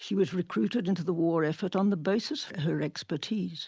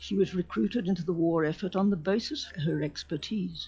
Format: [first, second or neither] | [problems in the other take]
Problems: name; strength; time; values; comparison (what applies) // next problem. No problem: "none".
first | noise reduction (classical method log-MMSE)